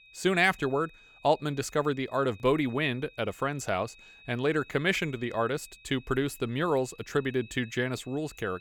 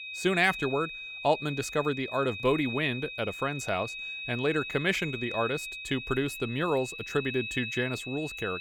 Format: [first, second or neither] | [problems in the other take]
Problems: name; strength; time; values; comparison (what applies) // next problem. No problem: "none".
first | high-pitched whine; loud; throughout; 2.5 kHz, 7 dB below the speech; faint in the first